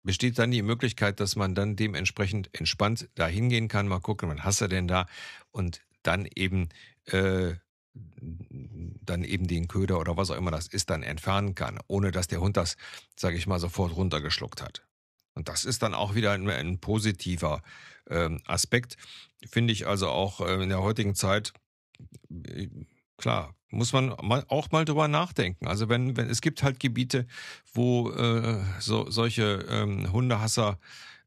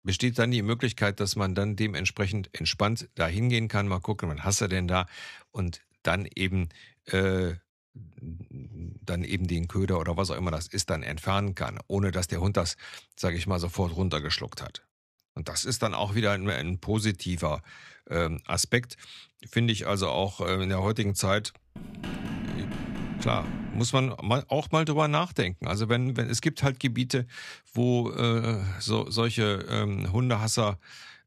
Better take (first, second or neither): first